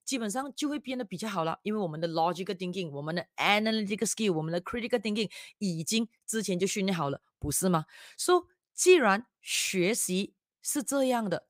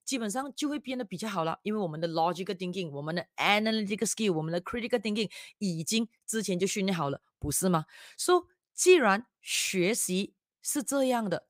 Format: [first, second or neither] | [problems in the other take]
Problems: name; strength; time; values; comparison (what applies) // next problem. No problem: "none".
neither | none